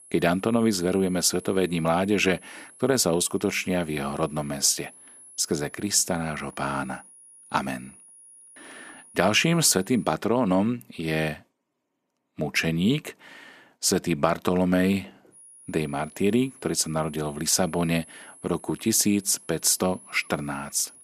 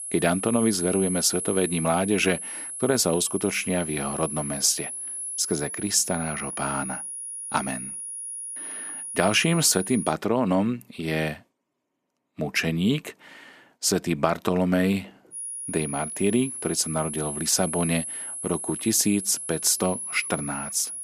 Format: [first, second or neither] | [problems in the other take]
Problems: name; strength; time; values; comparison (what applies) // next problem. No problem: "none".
first | high-pitched whine; loud; until 10 s and from 15 s on; 10.5 kHz, 6 dB below the speech; faint in the first